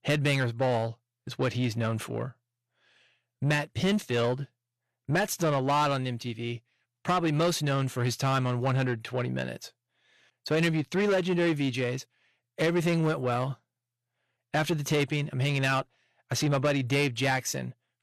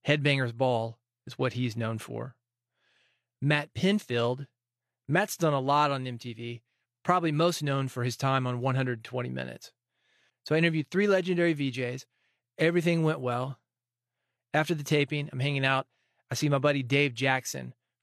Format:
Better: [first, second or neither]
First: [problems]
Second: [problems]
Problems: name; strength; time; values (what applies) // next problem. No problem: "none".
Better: second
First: distortion; slight; 10 dB below the speech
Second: none